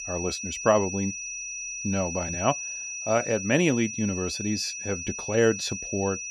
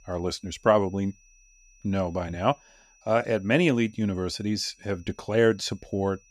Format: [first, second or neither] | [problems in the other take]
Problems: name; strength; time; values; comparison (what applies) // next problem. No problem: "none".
second | high-pitched whine; loud; throughout; 6 kHz, 5 dB below the speech; faint in the second